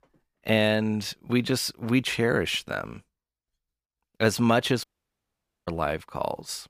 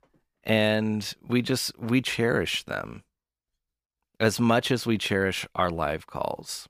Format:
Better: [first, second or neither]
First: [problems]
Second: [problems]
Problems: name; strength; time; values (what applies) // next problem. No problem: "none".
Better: second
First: audio cutting out; at 5 s for 1 s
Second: none